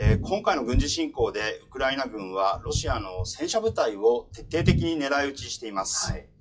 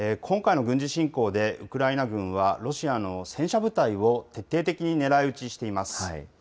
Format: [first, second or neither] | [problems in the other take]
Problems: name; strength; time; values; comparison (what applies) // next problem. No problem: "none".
second | noise reduction (classical method WPE with log-MMSE)